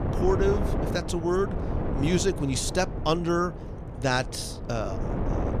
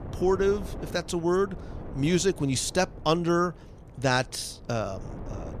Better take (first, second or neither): second